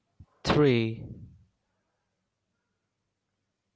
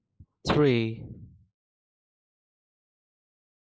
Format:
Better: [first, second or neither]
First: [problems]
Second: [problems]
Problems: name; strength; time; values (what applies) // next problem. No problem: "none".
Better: first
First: none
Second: noise reduction (neural mask model Resemble Enhance denoiser)